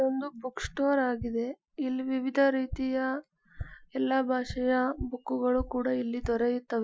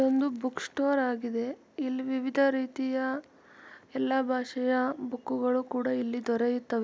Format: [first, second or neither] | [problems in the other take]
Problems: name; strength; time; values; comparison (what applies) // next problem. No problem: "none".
second | noise reduction (classical method Wiener filter)